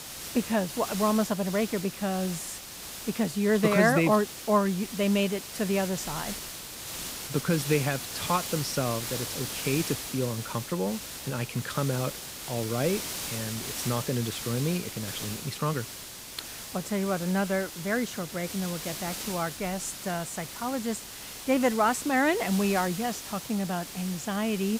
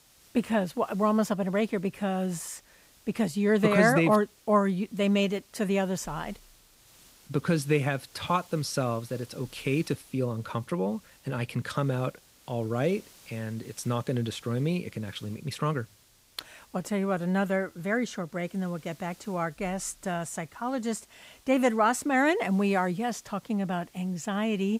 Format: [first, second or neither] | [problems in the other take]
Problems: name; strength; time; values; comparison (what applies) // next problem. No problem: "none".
second | hiss; loud; throughout; 7 dB below the speech; faint in the second